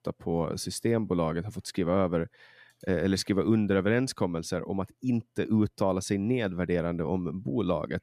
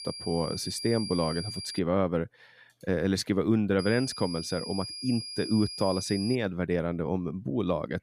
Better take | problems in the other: first | high-pitched whine; loud; until 2 s and from 4 to 6.5 s; 5 kHz, 8 dB below the speech

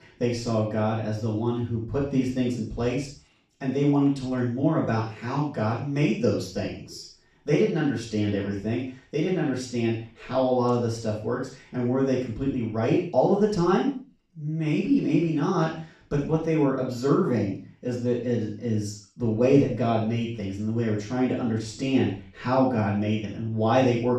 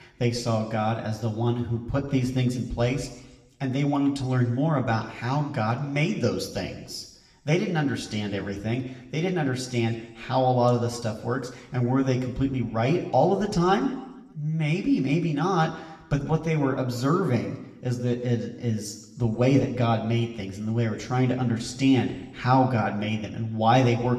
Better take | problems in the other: second | room echo; strong; dies away in 0.4 s; slight in the second // off-mic speech; far; somewhat distant in the second

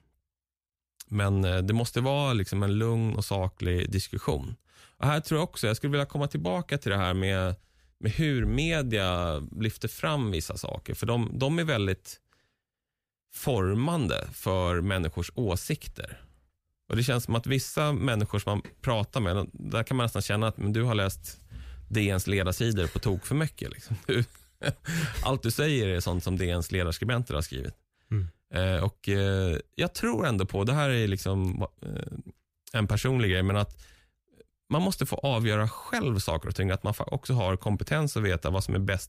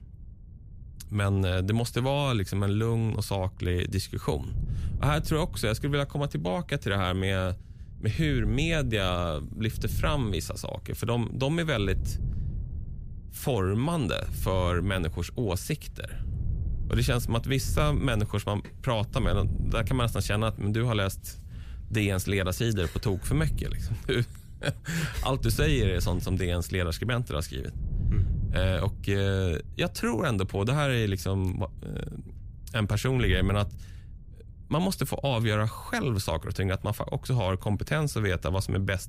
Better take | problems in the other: first | wind noise on the microphone; occasional gusts; 20 dB below the speech

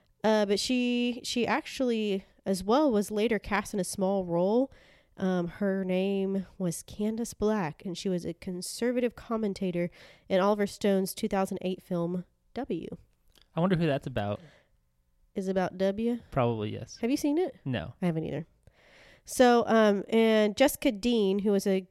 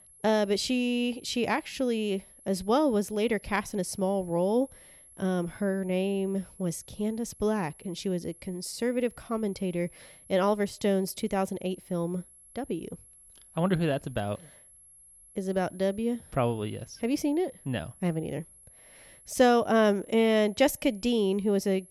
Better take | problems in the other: first | high-pitched whine; faint; throughout; 11 kHz, 25 dB below the speech

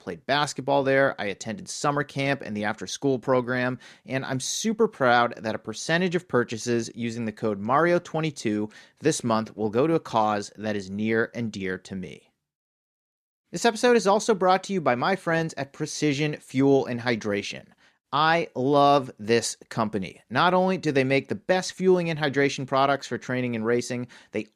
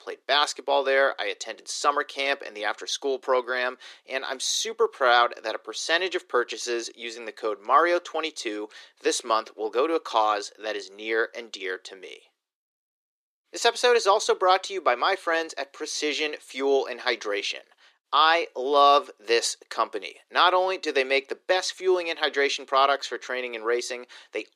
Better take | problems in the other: first | thin; very; fading below 350 Hz

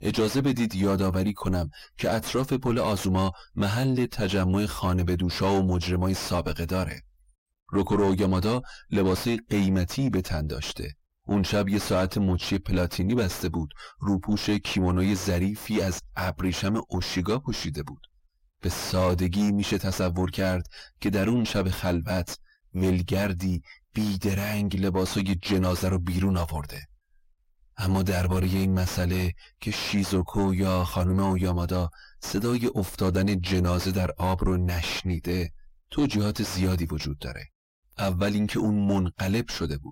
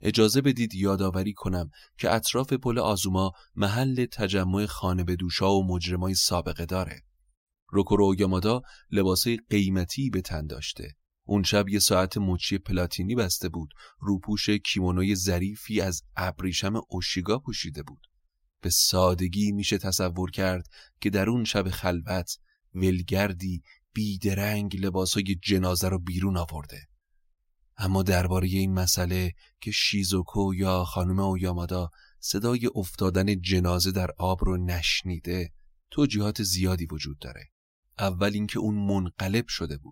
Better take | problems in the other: second | distortion; heavy; 6 dB below the speech

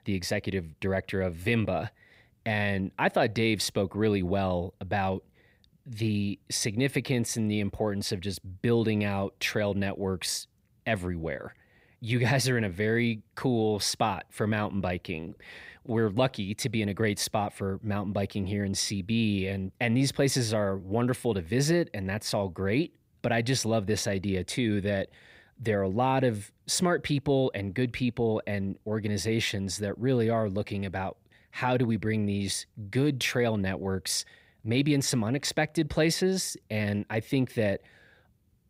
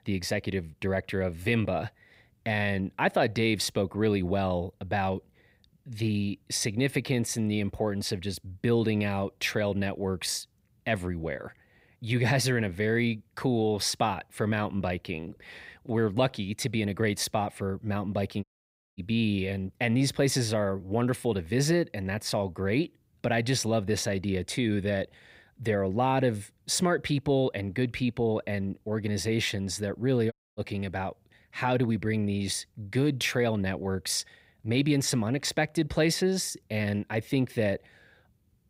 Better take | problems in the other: first | audio cutting out; at 18 s for 0.5 s and at 30 s

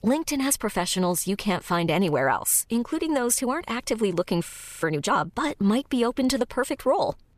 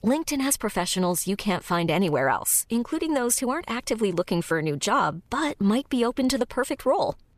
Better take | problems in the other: second | audio freezing; at 4.5 s

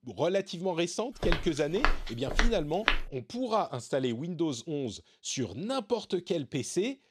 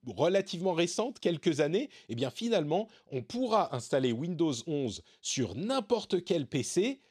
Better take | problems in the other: second | footsteps; loud; from 1 to 3 s; peak 3 dB above the speech

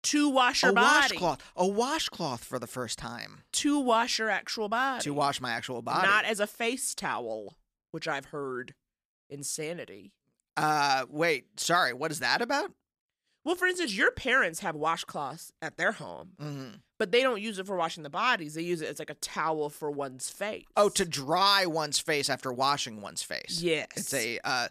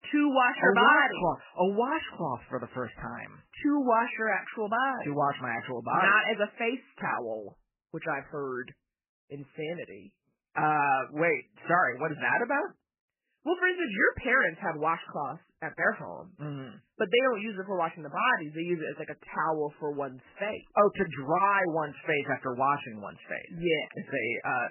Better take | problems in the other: first | garbled, watery; badly; nothing above 3 kHz

